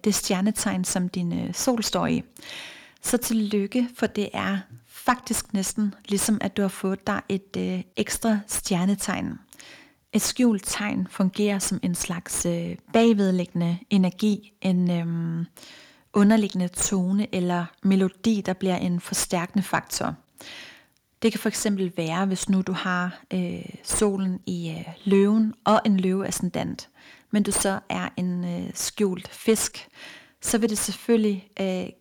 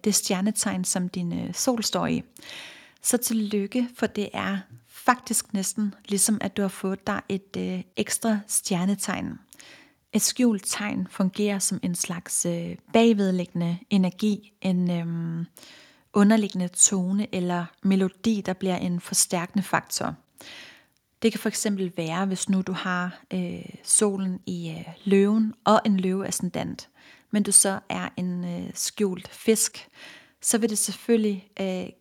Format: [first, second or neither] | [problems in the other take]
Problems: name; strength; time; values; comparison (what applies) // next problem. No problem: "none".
second | distortion; slight; 10 dB below the speech